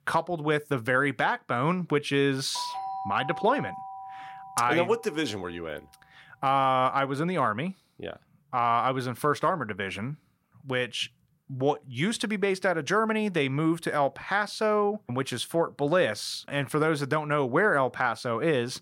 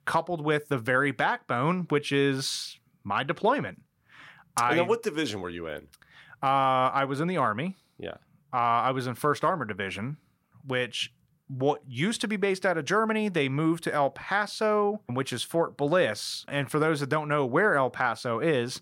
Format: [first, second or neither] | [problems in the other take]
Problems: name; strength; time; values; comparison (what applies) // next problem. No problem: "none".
second | doorbell; noticeable; from 2.5 to 5 s; peak 7 dB below the speech